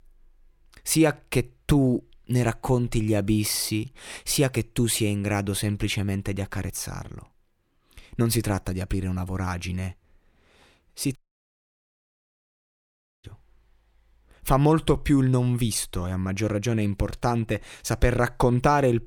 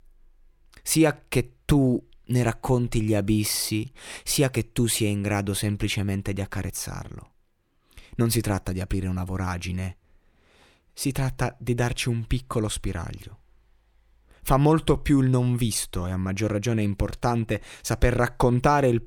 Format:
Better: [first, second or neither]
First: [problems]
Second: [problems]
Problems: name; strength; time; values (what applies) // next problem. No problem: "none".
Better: second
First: audio cutting out; at 11 s for 2 s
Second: none